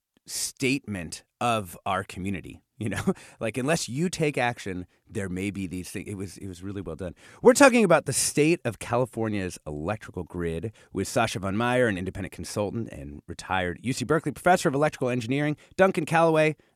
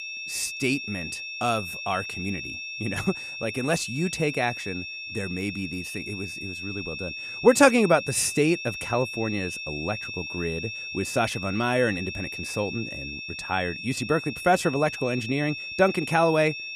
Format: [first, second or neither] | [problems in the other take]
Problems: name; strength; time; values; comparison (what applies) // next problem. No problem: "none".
first | high-pitched whine; loud; throughout; 2.5 kHz, 7 dB below the speech